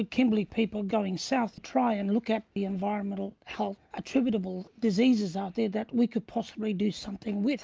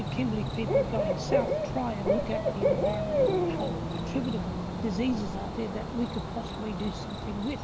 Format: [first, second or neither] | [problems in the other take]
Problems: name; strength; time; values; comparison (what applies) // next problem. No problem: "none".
first | background sound (Cricket / Bird); 4 dB above the speech